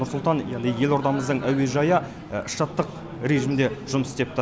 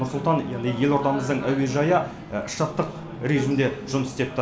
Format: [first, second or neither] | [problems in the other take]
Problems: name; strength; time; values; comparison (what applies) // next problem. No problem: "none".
first | room echo; dies away in 0.4 s